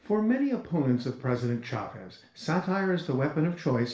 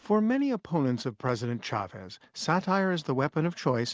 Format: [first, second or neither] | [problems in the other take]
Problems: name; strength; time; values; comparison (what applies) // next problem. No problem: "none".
second | room echo; dies away in 0.5 s